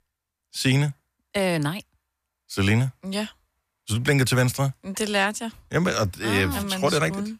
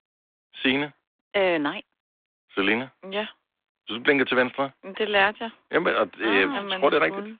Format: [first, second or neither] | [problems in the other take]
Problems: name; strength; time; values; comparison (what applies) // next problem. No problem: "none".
first | phone-call audio